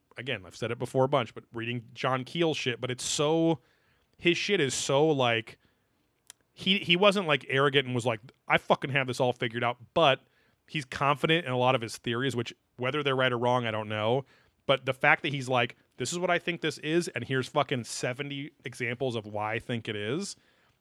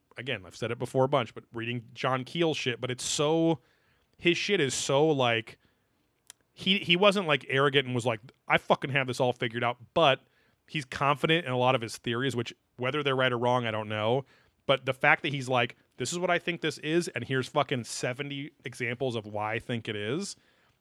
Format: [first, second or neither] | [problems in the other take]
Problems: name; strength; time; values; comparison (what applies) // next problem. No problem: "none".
neither | none